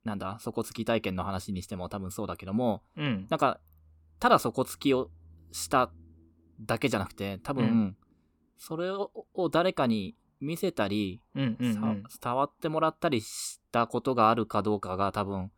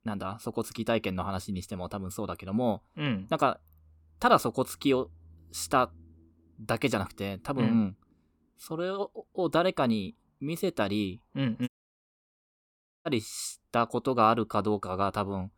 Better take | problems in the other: first | audio cutting out; at 12 s for 1.5 s

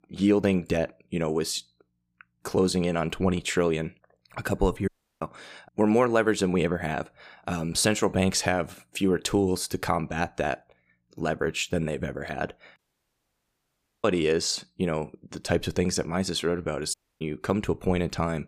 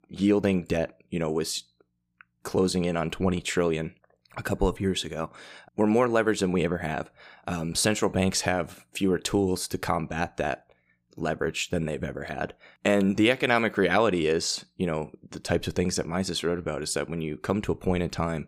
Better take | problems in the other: second | audio cutting out; at 5 s, at 13 s for 1.5 s and at 17 s

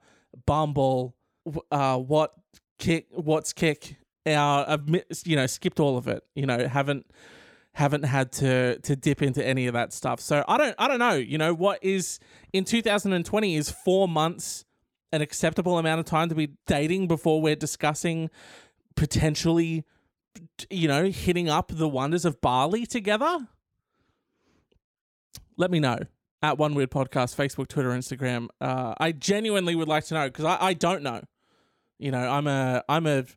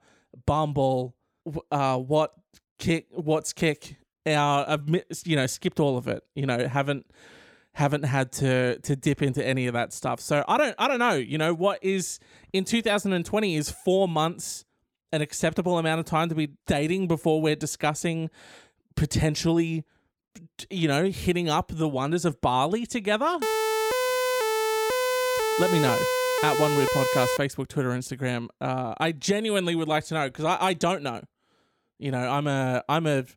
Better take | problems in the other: first | siren; loud; from 23 to 27 s; peak 1 dB above the speech

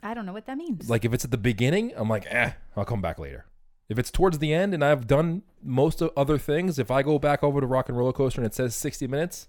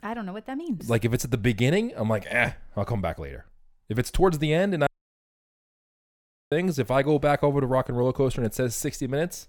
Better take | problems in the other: first | audio cutting out; at 5 s for 1.5 s

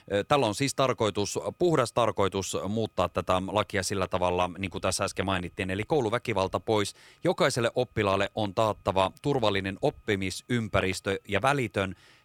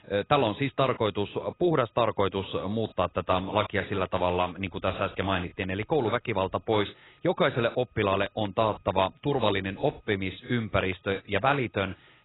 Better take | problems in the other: first | garbled, watery; badly; nothing above 4 kHz

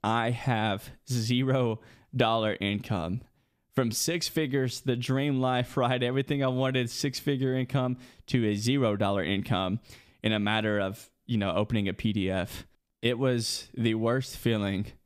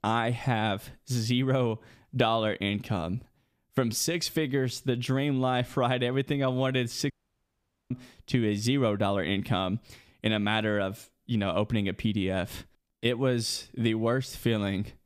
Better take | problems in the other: first | audio cutting out; at 7 s for 1 s

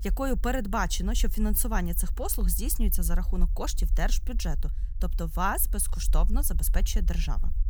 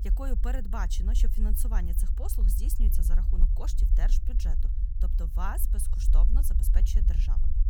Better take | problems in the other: first | low rumble; loud; throughout; 8 dB below the speech; faint in the first

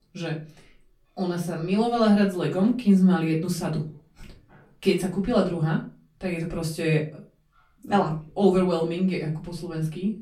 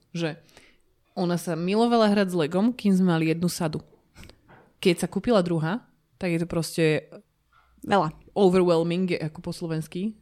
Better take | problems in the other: second | off-mic speech; far // room echo; very slight; dies away in 0.3 s

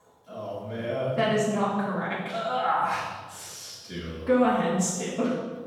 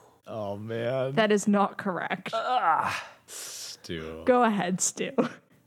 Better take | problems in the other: second | off-mic speech; far // room echo; noticeable; dies away in 1.2 s

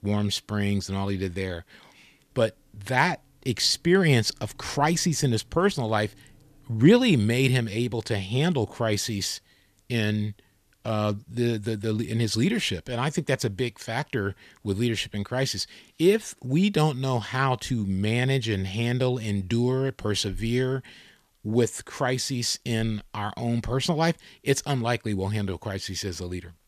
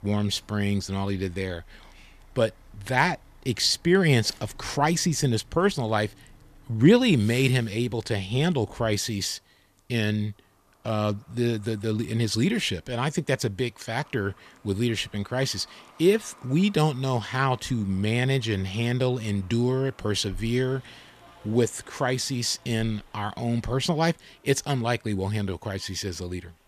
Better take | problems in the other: first | traffic noise; faint; throughout; 30 dB below the speech

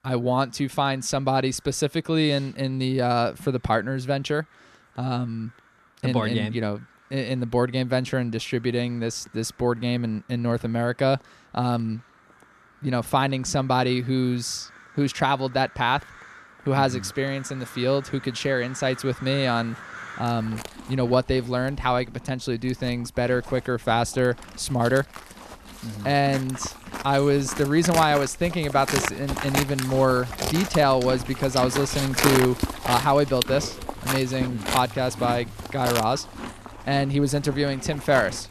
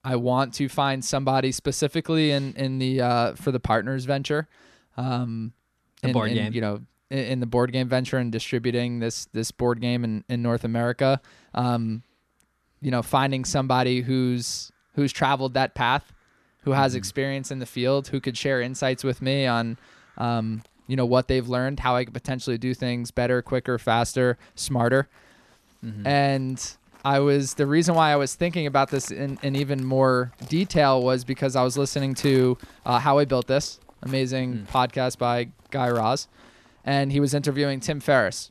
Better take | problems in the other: second | animal sounds; loud; throughout; 7 dB below the speech; faint in the second

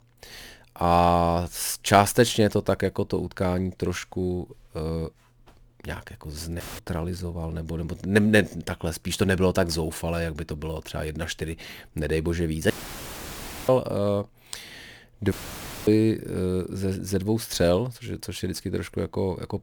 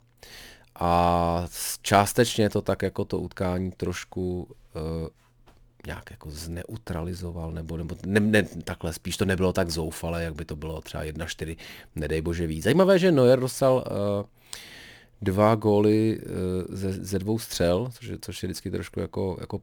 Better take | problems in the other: second | audio cutting out; filled with static; at 6.5 s, at 13 s for 1 s and at 15 s for 0.5 s

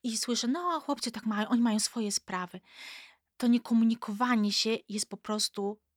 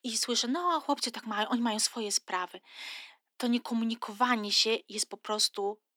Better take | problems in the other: first | thin; very slightly; fading below 250 Hz

